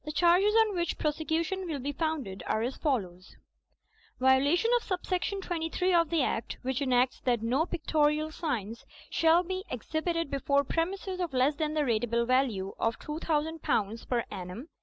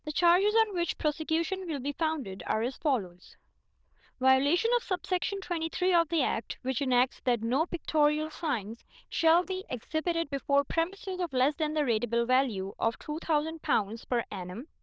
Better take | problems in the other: first | noise reduction (neural diffusion model UNIVERSE++)

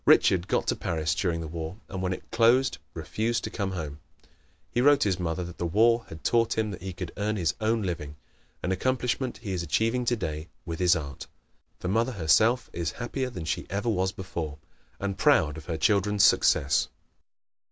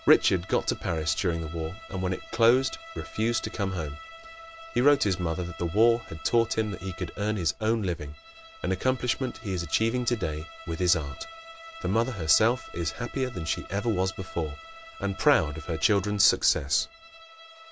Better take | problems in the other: first | background sound (Bowed string instrument); 18 dB below the speech

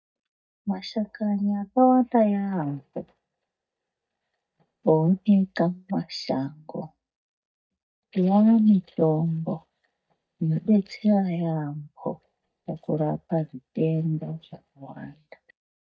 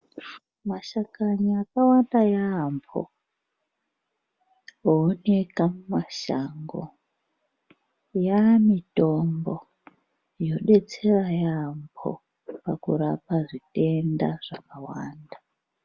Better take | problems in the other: second | noise reduction (neural mask model DeepFilterNet 3)

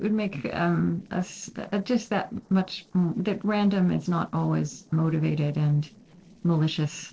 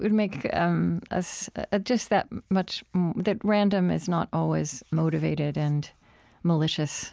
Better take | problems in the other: second | noise reduction (neural separator model SepFormer DNS4)

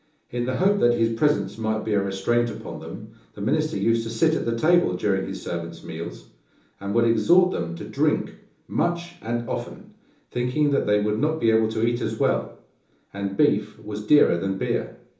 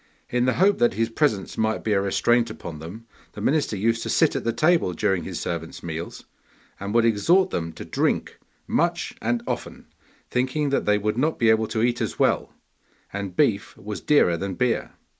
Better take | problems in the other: second | room echo; dies away in 1.2 s

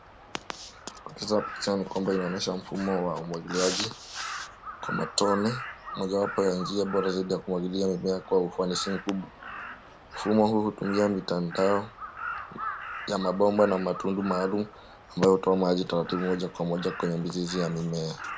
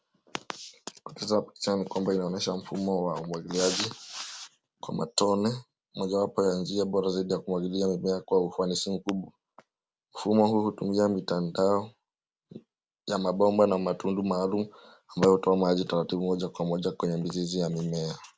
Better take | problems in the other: second | background sound (Crow); 12 dB below the speech

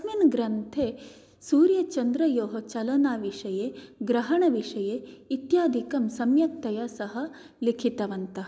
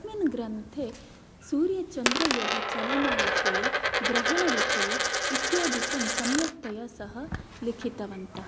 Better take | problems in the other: first | background sound (Coin (dropping)); 2 dB above the speech

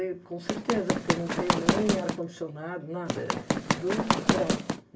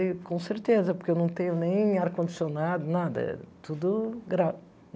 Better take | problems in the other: second | background sound (Run); 4 dB above the speech // room echo; dies away in 0.1 s

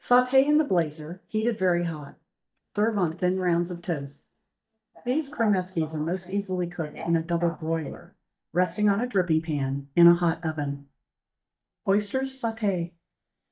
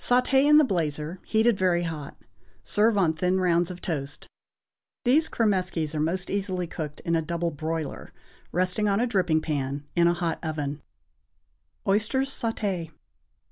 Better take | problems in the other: second | noise reduction (neural mask model DeepFilterNet 3)

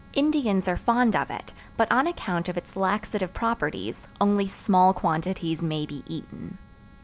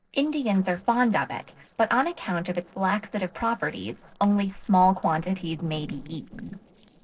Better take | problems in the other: first | noise reduction (neural separator model SepFormer DNS4)

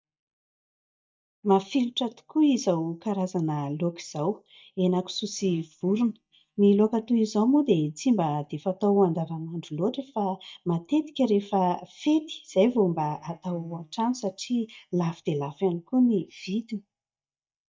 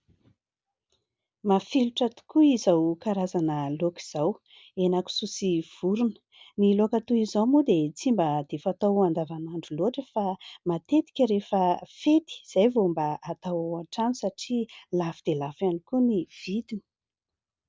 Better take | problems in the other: second | noise reduction (neural mask model DeepFilterNet 3)

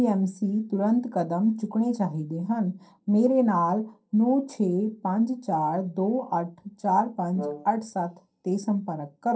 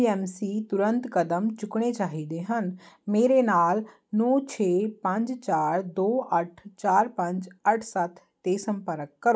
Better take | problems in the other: second | noise reduction (neural separator model SepFormer DNS4)

